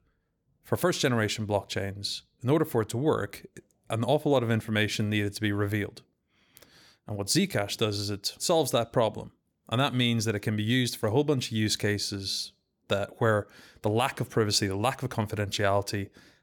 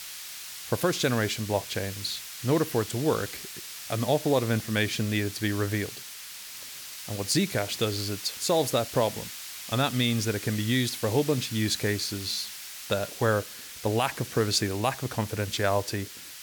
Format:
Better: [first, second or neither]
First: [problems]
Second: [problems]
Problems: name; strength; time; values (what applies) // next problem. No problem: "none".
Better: first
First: none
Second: hiss; loud; throughout; 10 dB below the speech